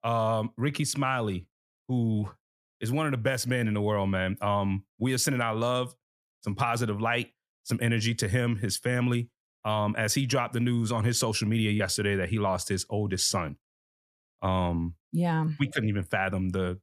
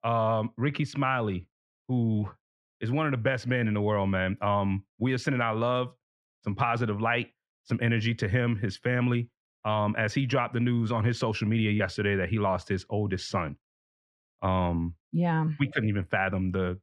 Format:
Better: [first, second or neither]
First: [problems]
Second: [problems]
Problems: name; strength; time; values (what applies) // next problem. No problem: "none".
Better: first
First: none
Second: muffled; slightly; fading above 2.5 kHz